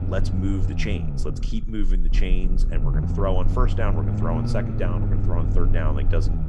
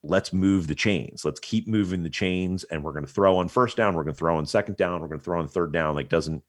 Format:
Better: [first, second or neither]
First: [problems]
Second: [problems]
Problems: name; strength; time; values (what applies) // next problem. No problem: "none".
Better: second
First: low rumble; loud; throughout; 5 dB below the speech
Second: none